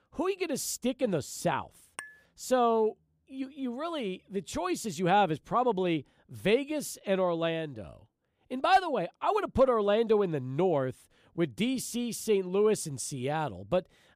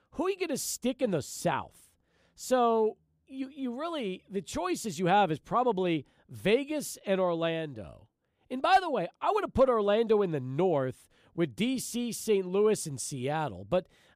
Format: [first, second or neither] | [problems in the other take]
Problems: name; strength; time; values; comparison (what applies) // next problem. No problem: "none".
second | clattering dishes; faint; at 2 s; peak 15 dB below the speech